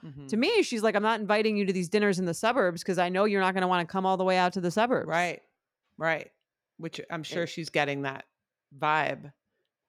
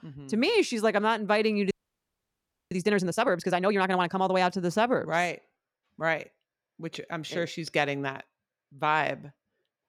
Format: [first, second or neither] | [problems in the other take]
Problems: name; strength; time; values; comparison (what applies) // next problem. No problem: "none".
first | audio freezing; at 1.5 s for 1 s